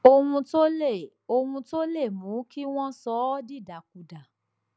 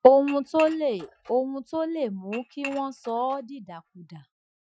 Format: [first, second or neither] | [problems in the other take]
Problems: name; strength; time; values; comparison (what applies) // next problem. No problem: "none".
first | noise reduction (classical method Wiener filter)